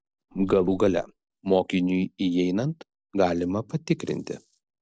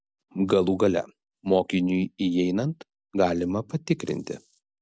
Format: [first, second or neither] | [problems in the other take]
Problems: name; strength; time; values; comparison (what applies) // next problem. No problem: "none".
second | noise reduction (neural separator model SepFormer DNS4)